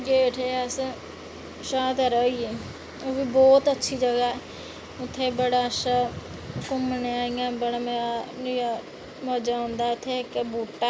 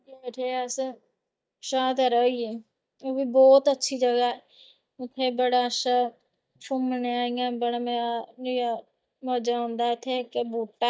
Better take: first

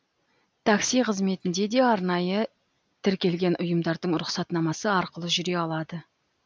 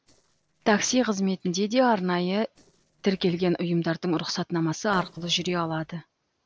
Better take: first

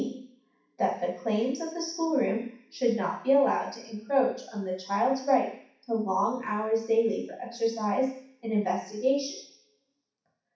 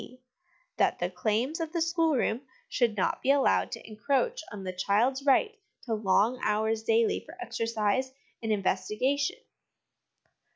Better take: second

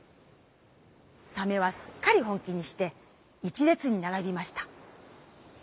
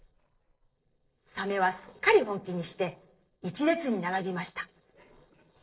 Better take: first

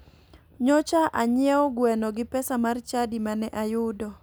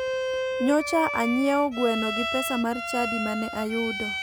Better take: first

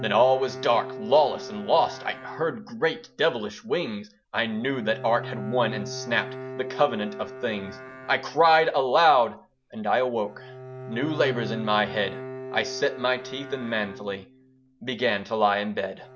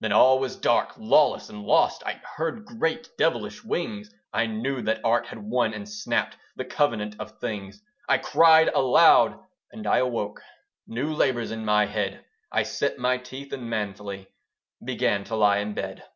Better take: second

